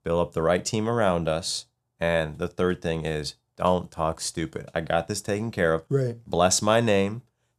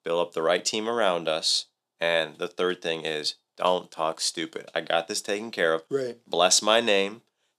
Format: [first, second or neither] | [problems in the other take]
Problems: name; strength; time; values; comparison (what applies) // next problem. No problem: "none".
first | thin; somewhat; fading below 250 Hz